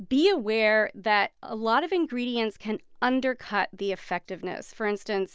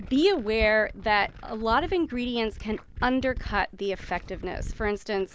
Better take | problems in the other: first | background sound (Glass); 12 dB below the speech

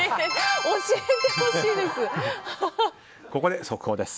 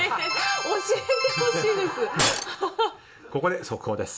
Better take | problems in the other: first | background sound (Shatter); 3 dB below the speech // room echo; dies away in 0.4 s

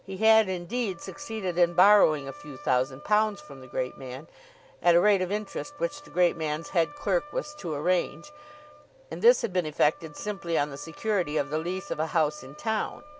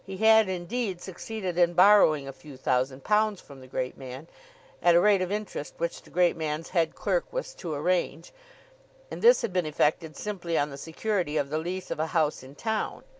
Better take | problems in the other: second | background sound (Wind instrument, woodwind instrument); 20 dB below the speech

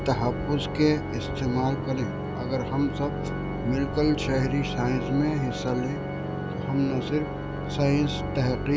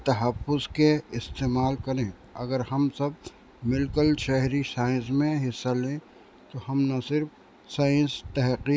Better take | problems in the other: second | background sound (Organ); 3 dB below the speech

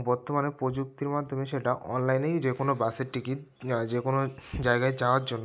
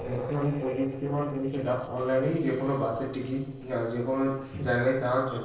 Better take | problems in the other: first | noise reduction (neural separator model SepFormer DNS4)

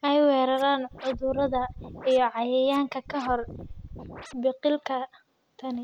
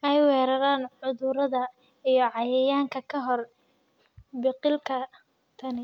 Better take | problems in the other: second | background sound (Scratching (performance technique)); 15 dB below the speech

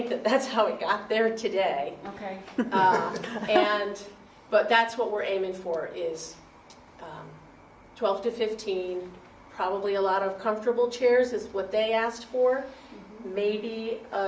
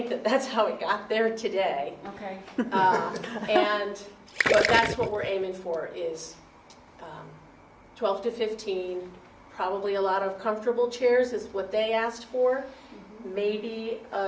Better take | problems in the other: first | background sound (Gurgling); 1 dB below the speech

